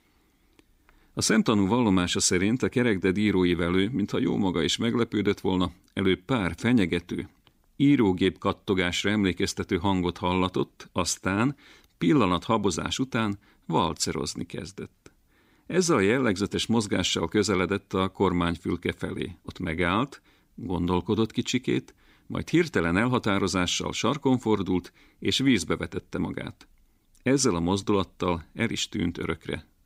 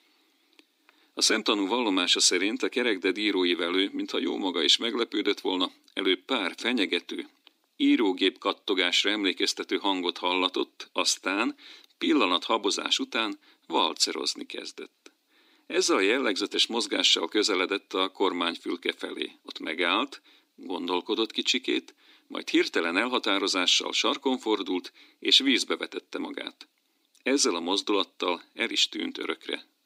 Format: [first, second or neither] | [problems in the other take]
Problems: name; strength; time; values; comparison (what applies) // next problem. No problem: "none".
first | thin; very slightly; fading below 300 Hz